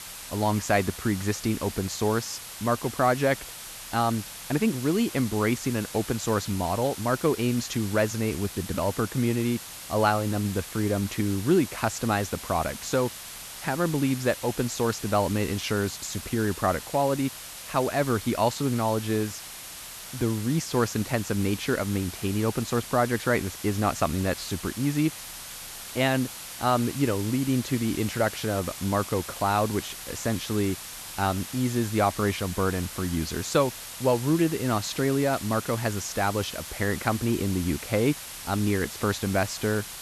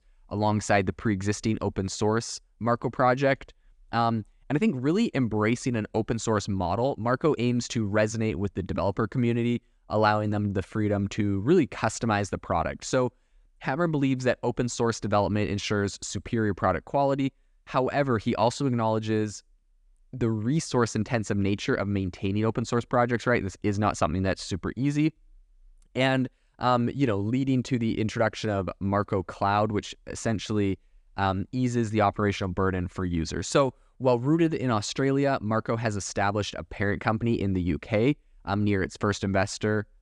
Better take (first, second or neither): second